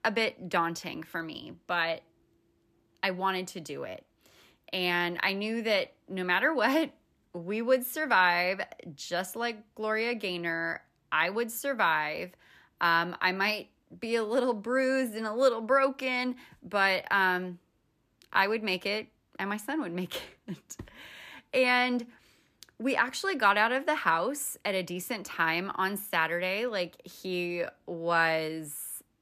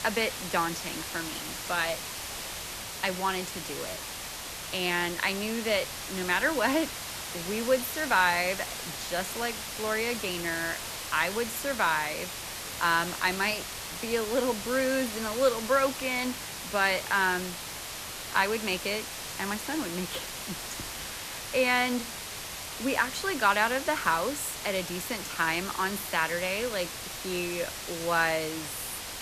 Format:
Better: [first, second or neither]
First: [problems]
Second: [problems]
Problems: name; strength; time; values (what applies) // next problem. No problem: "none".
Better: first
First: none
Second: hiss; loud; throughout; 6 dB below the speech